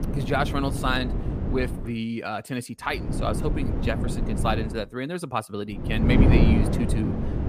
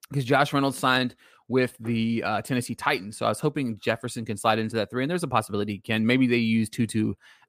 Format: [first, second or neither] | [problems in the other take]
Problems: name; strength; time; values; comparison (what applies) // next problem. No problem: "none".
second | wind noise on the microphone; heavy; until 2 s, from 3 to 4.5 s and from 6 s on; 4 dB below the speech